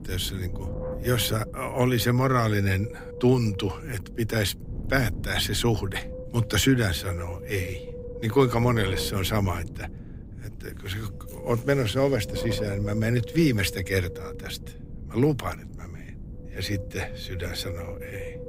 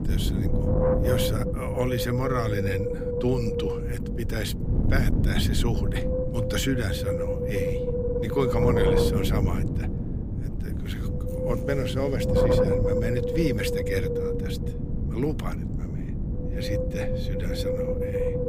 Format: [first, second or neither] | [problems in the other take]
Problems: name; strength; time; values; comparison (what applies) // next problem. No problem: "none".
first | wind noise on the microphone; heavy; 4 dB above the speech; occasional gusts in the first